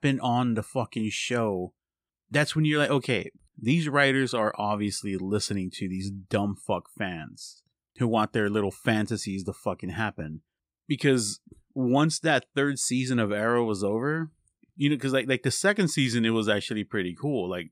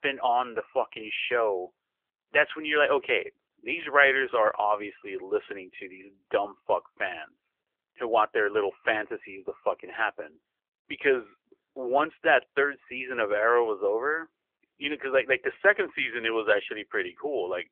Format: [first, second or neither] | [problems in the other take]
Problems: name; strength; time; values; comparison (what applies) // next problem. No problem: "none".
first | phone-call audio; nothing above 3 kHz